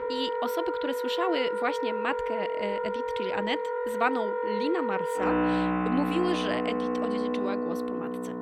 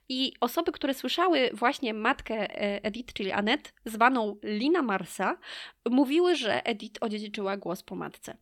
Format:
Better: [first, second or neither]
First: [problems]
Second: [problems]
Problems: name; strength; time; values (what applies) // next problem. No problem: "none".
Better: second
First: background music; very loud; throughout; 3 dB above the speech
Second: none